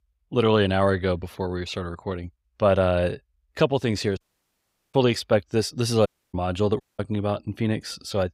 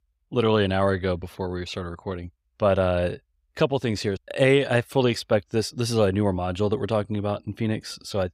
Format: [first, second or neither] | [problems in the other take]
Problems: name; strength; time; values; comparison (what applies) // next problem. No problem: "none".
second | audio cutting out; at 4 s for 0.5 s, at 6 s and at 7 s